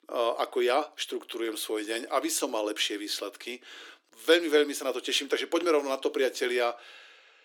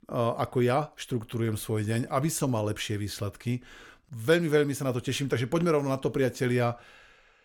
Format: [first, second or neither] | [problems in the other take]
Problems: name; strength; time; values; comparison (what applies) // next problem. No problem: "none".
second | thin; somewhat; fading below 300 Hz